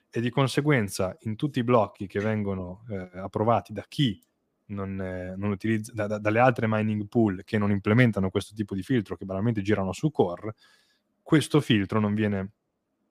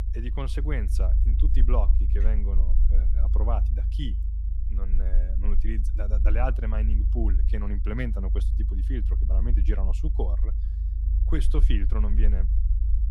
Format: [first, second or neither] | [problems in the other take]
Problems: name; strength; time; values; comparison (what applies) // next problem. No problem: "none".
first | low rumble; loud; throughout; 9 dB below the speech